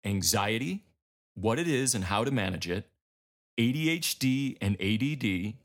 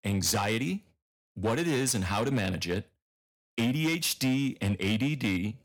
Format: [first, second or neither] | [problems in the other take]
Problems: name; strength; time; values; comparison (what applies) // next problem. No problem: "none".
first | distortion; slight; 9% of the sound clipped